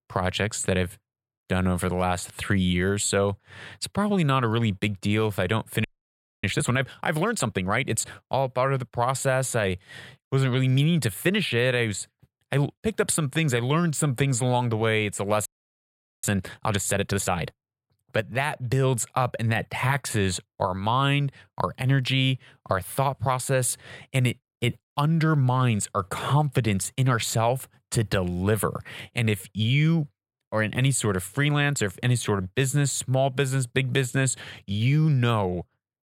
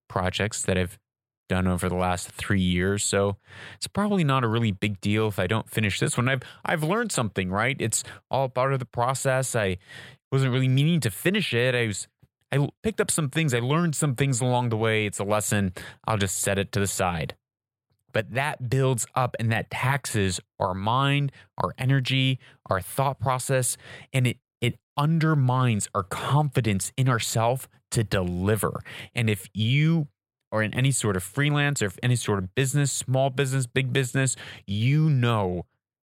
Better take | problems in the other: second | audio freezing; at 6 s for 0.5 s and at 15 s for 1 s

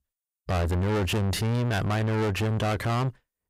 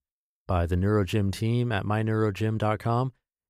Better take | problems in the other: second | distortion; heavy; 6 dB below the speech

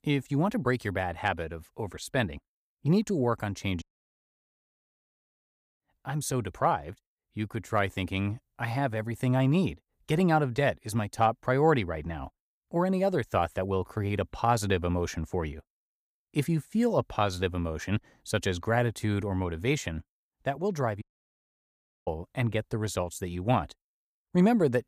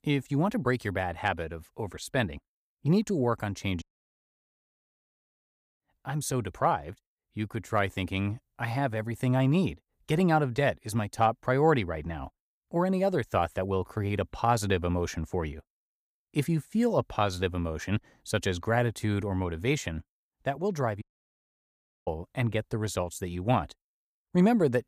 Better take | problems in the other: neither | audio cutting out; at 4 s for 2 s and at 21 s for 1 s; the same in both

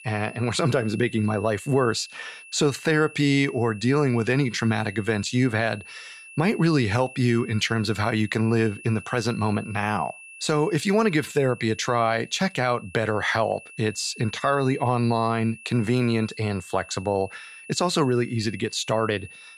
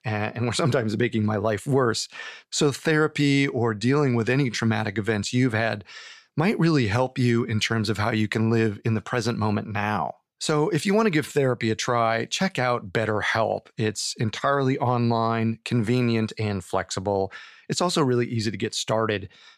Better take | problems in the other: second | high-pitched whine; noticeable; throughout; 2.5 kHz, 20 dB below the speech

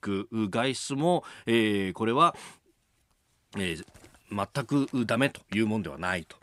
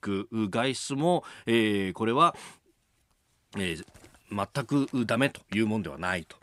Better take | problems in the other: neither | none

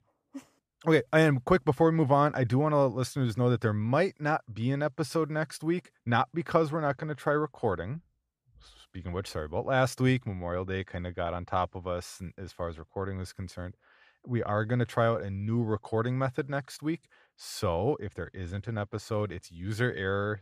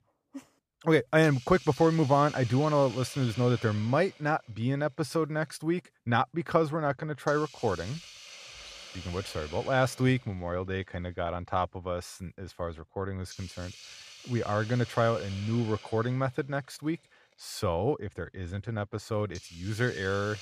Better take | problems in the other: first | hiss; noticeable; throughout; 15 dB below the speech

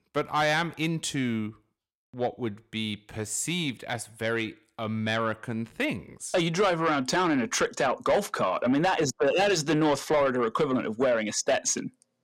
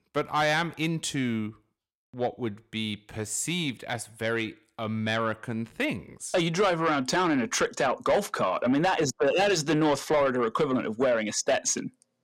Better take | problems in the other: neither | distortion; slight; 10 dB below the speech; the same in both

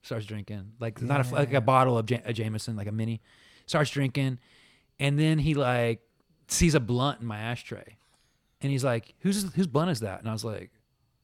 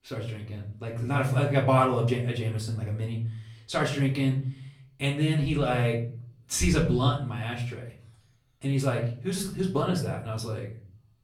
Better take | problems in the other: first | off-mic speech; far // room echo; slight; dies away in 0.5 s

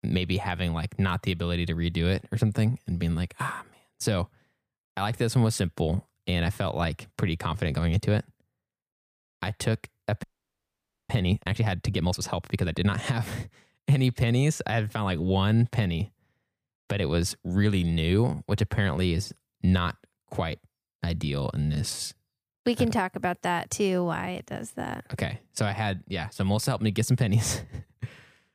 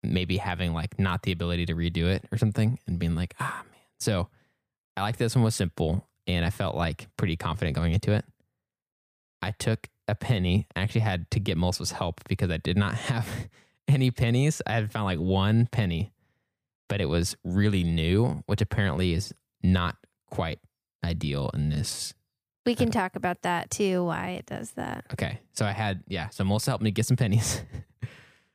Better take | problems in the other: second | audio freezing; at 10 s for 1 s

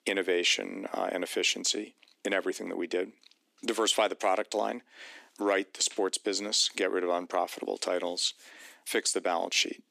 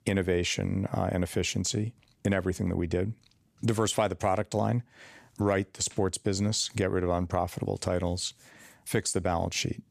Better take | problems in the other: second | thin; somewhat; fading below 250 Hz

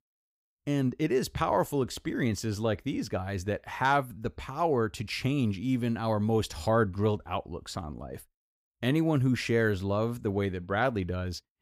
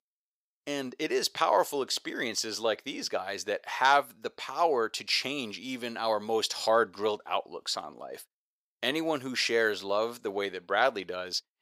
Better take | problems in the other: first | thin; very; fading below 550 Hz

